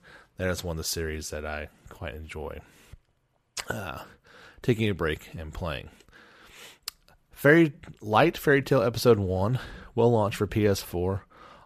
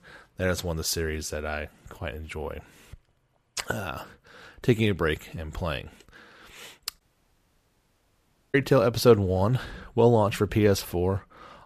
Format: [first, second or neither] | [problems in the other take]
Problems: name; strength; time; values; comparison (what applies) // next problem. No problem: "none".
first | audio cutting out; at 7 s for 1.5 s